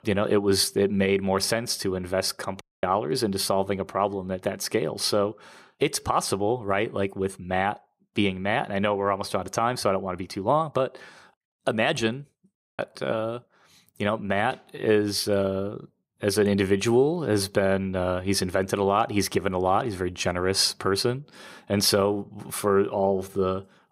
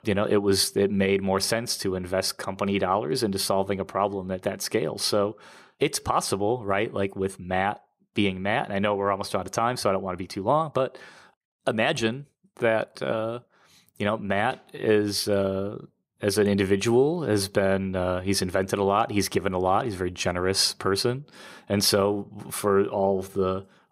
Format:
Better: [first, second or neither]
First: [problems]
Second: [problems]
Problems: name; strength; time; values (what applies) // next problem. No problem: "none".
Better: second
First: audio cutting out; at 2.5 s and at 13 s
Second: none